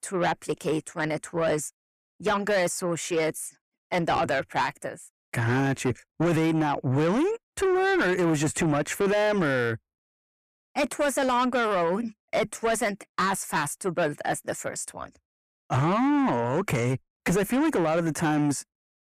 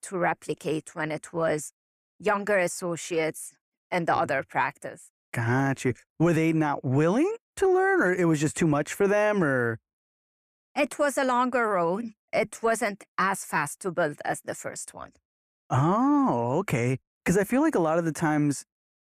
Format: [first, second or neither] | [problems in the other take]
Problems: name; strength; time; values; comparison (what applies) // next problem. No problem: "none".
second | distortion; slight; 10 dB below the speech